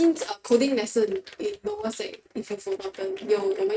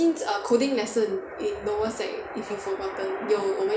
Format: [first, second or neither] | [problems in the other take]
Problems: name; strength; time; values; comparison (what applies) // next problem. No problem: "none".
second | noise reduction (neural mask model RNNoise)